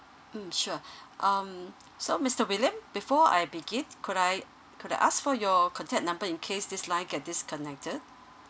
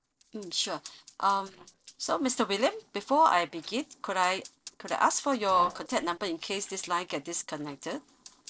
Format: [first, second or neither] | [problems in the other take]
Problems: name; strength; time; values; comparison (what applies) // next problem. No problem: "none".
first | noise reduction (neural separator model SepFormer DNS4)